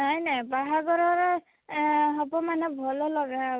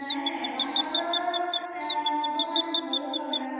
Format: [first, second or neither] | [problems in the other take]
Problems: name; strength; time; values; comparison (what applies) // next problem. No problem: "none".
first | background sound (Chirp, tweet); 1 dB below the speech // room echo; dies away in 2.1 s